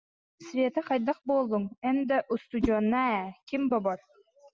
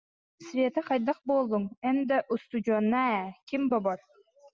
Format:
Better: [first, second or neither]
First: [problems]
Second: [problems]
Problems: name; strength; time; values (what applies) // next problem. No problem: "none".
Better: second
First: background sound (Whoosh, swoosh, swish); 10 dB below the speech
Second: none